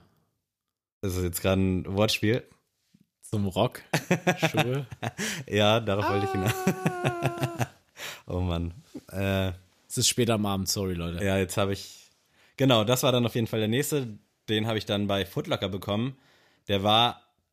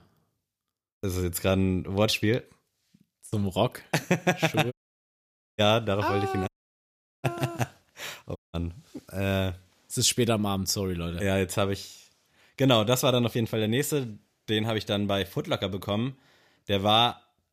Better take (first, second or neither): first